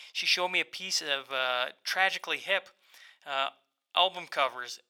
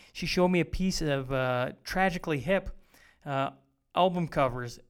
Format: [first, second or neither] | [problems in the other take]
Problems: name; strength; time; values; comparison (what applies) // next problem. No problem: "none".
second | thin; very; fading below 800 Hz